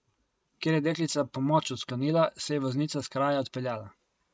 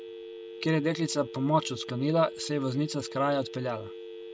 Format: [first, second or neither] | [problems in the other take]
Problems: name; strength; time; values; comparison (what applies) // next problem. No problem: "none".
first | background sound (Telephone); 12 dB below the speech